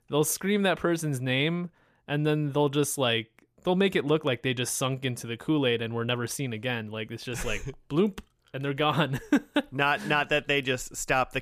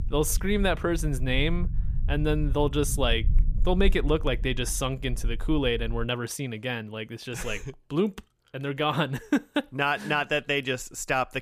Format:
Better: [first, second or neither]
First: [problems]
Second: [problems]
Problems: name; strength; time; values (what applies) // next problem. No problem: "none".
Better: first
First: none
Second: low rumble; faint; until 6 s; 20 dB below the speech